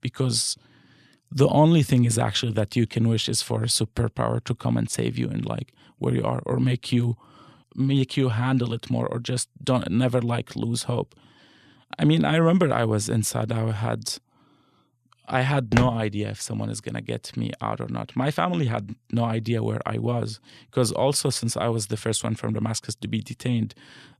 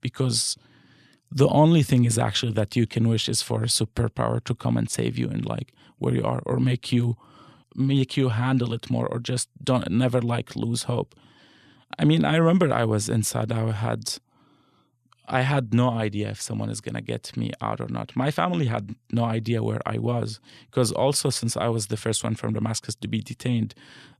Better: second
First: footsteps; noticeable; at 16 s; peak 3 dB below the speech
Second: none

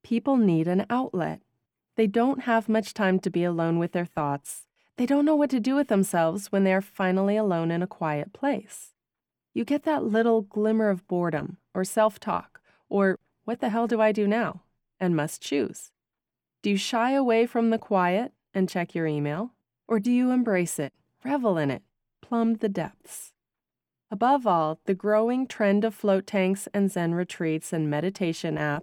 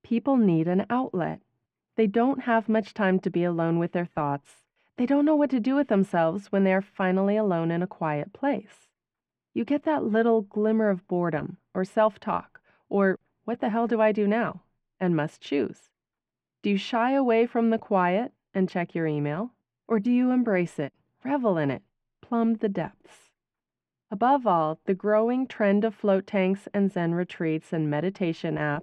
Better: first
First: none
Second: muffled; slightly; fading above 3 kHz

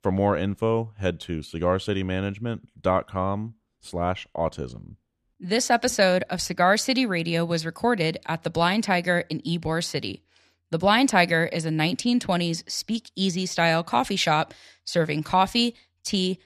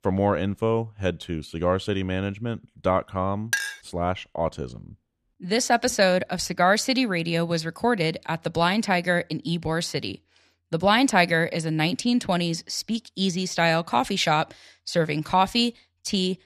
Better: first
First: none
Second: clattering dishes; noticeable; at 3.5 s; peak 3 dB below the speech

